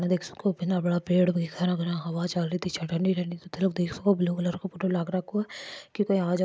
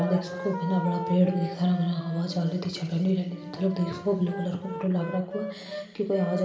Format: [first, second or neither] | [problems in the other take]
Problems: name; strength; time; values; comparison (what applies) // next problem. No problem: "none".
first | background sound (Wind instrument, woodwind instrument); 11 dB below the speech // room echo; dies away in 2.2 s